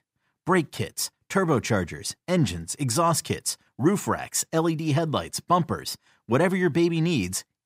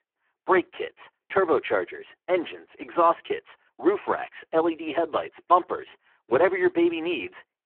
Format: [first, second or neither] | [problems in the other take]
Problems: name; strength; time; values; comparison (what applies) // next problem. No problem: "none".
first | phone-call audio; poor line